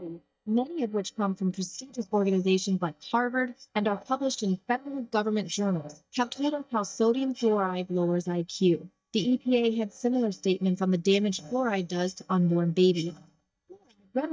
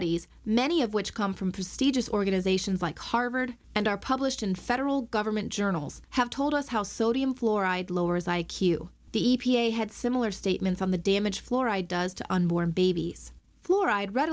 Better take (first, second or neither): second